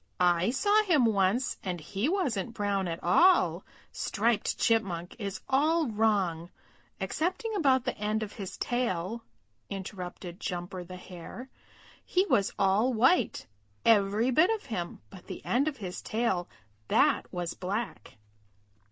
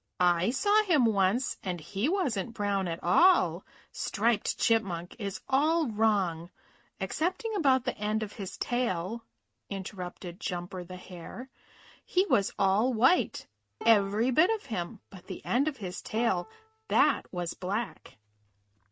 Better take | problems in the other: first | noise reduction (neural mask model RNNoise)

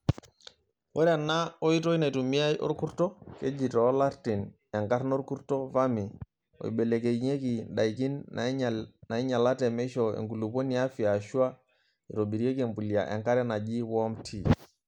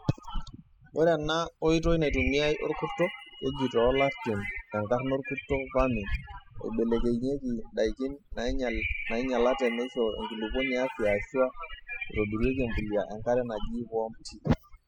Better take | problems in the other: first | noise reduction (classical method spectral subtraction)

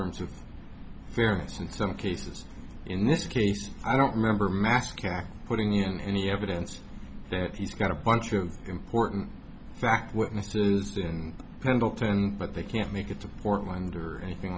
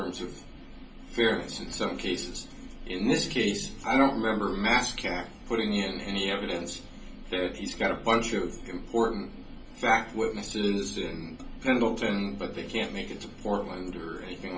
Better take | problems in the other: first | room echo; dies away in 0.3 s

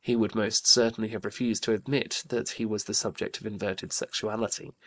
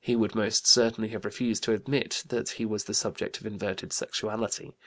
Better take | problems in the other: second | noise reduction (neural mask model Resemble Enhance denoiser)

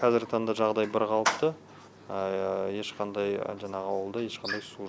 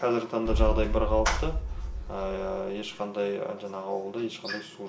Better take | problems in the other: first | background sound (Boom); 1 dB above the speech // room echo; dies away in 0.4 s

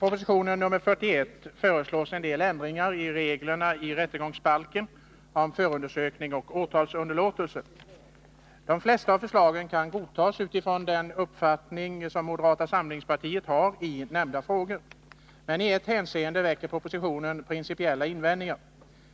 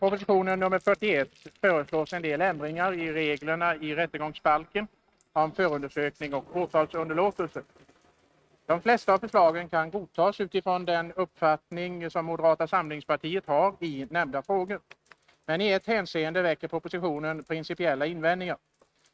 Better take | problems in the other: first | noise reduction (neural mask model RNNoise)

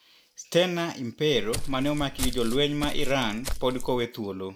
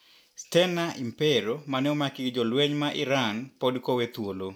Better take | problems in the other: second | background sound (Walk, footsteps); 2 dB below the speech

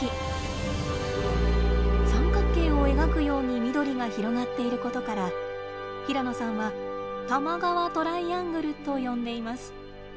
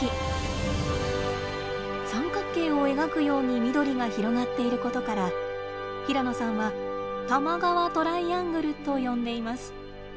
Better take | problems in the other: second | background sound (Bowed string instrument); 4 dB above the speech

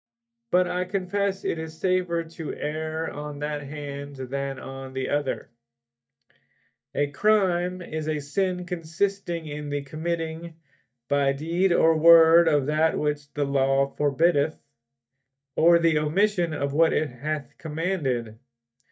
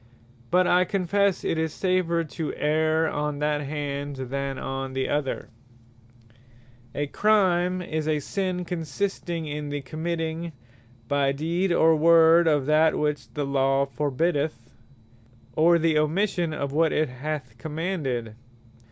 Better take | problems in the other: second | noise reduction (neural mask model DeepFilterNet 3)

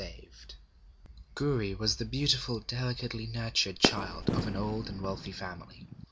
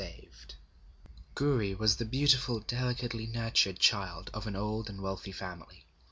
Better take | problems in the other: second | background sound (Fireworks); 1 dB below the speech

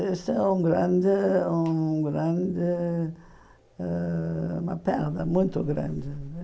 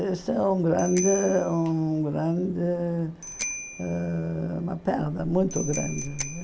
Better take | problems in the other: first | background sound (Bicycle bell); 13 dB below the speech

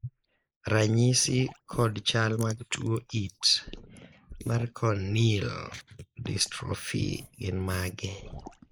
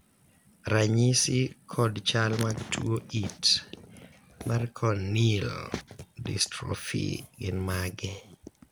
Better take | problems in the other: second | noise reduction (neural mask model Resemble Enhance denoiser)

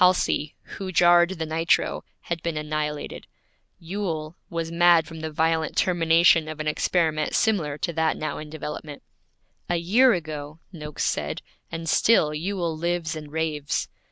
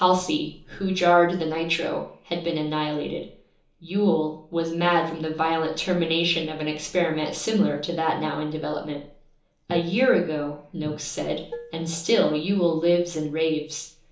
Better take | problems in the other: first | background sound (Dishes, pots, and pans); 16 dB below the speech // room echo; dies away in 1.2 s

